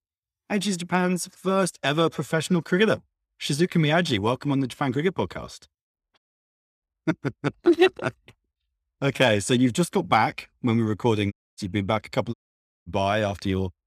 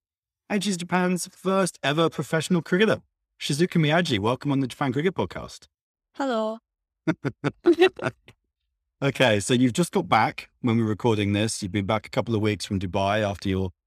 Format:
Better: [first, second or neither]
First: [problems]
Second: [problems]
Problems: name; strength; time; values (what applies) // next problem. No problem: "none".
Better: second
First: audio cutting out; at 6 s for 0.5 s, at 11 s and at 12 s for 0.5 s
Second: none